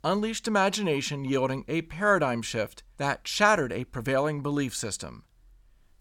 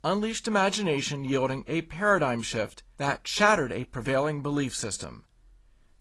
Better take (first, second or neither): first